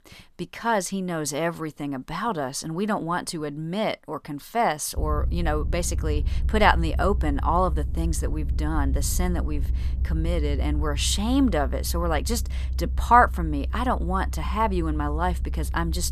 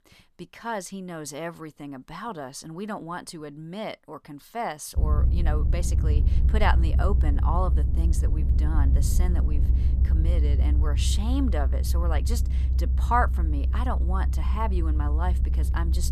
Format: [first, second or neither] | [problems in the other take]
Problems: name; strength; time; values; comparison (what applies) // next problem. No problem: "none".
first | low rumble; loud; from 5 s on; 10 dB below the speech; faint in the first